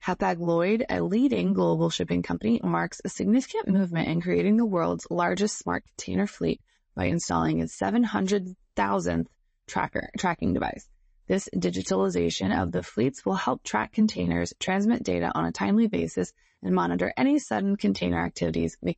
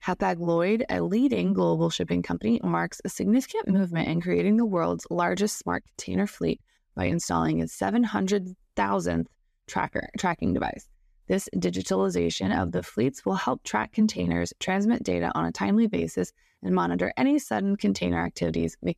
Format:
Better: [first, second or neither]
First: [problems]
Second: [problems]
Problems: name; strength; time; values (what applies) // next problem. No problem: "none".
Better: second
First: garbled, watery; slightly; nothing above 8 kHz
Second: none